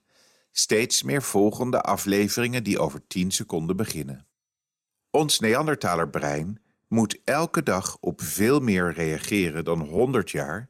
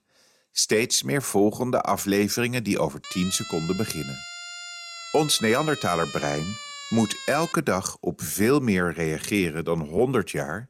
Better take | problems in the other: first | siren; noticeable; from 3 to 7.5 s; peak 10 dB below the speech

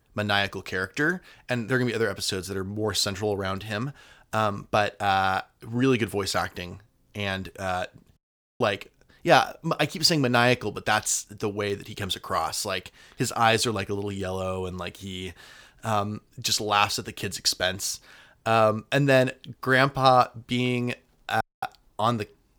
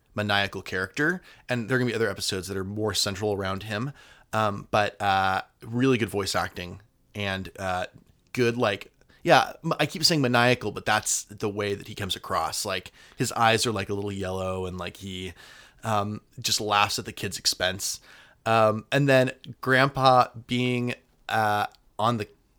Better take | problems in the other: second | audio cutting out; at 8 s and at 21 s

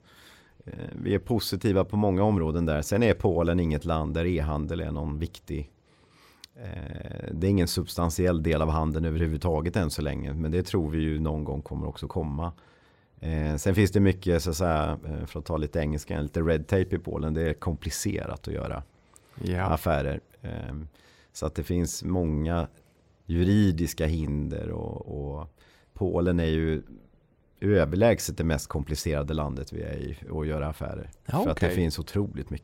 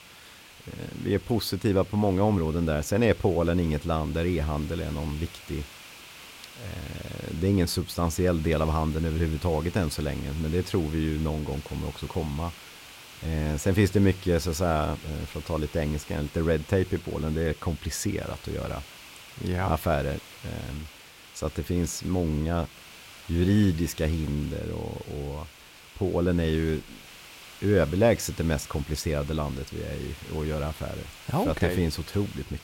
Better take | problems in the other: first | hiss; noticeable; throughout; 15 dB below the speech

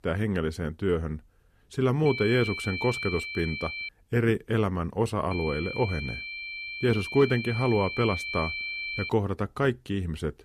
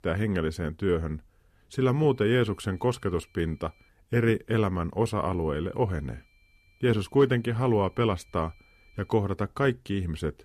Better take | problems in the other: second | high-pitched whine; loud; from 2 to 4 s and from 5.5 to 9 s; 2.5 kHz, 6 dB below the speech; faint in the second

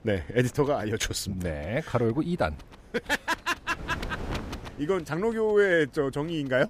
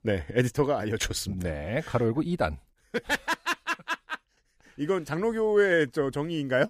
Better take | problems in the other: second | wind noise on the microphone; occasional gusts; 15 dB below the speech

